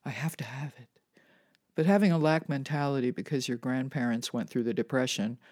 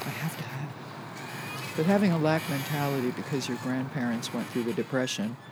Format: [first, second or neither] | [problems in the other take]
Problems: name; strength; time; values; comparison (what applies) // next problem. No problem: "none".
first | wind noise on the microphone; heavy; 6 dB below the speech